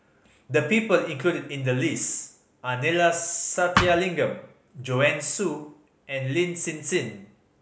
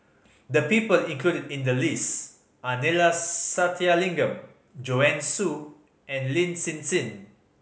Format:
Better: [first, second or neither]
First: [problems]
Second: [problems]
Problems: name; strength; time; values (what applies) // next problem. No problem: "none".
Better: second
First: background sound (Thump, thud); 2 dB above the speech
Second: none